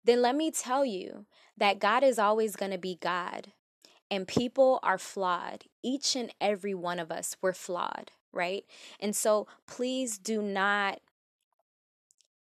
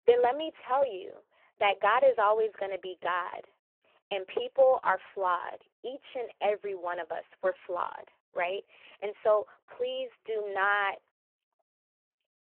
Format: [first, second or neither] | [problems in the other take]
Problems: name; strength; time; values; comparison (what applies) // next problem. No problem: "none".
first | phone-call audio; poor line